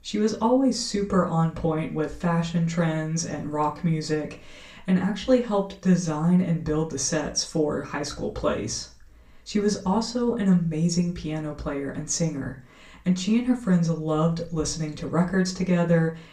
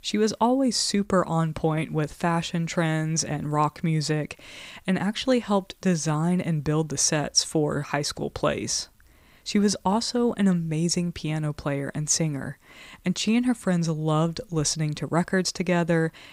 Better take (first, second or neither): second